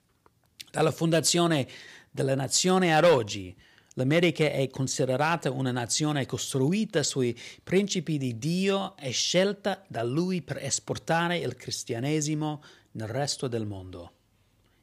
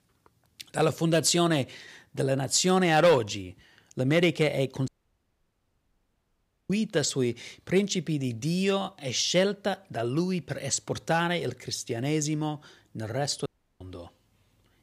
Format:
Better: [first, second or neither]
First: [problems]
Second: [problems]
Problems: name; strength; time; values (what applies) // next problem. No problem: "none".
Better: first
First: none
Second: audio cutting out; at 5 s for 2 s and at 13 s